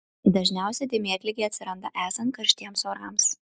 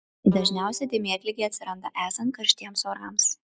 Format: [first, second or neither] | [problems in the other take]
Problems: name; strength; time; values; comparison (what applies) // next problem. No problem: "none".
first | noise reduction (classical method log-MMSE)